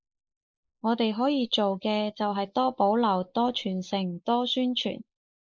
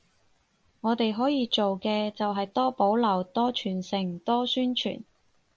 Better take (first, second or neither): second